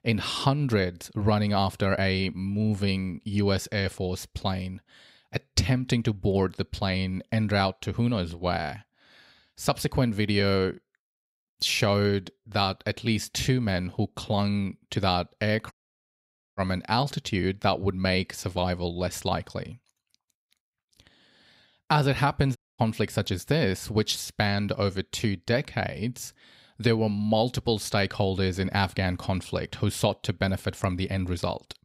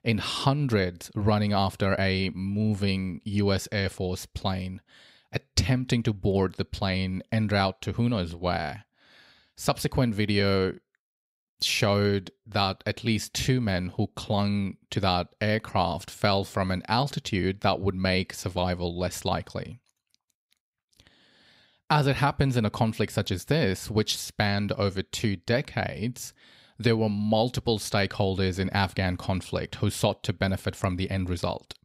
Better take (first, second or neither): second